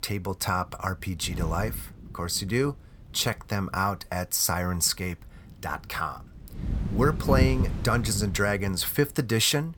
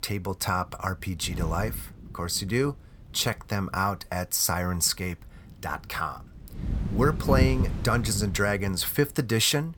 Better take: neither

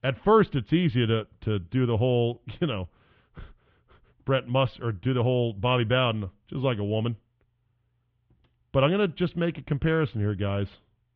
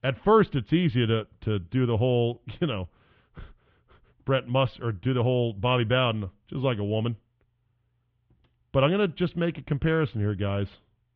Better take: neither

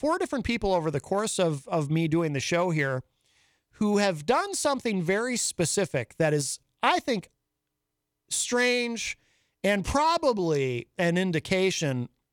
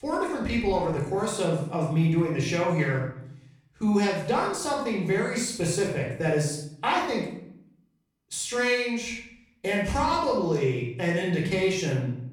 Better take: first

